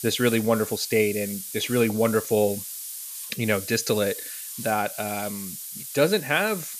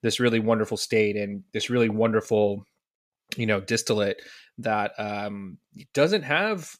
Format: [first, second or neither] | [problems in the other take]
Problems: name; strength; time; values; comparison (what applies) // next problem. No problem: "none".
second | hiss; loud; throughout; 9 dB below the speech